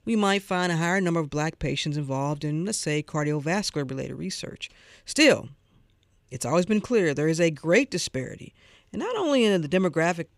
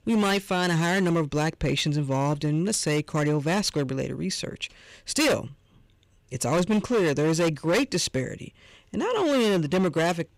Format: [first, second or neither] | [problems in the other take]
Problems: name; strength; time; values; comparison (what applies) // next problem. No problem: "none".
first | distortion; heavy; 11% of the sound clipped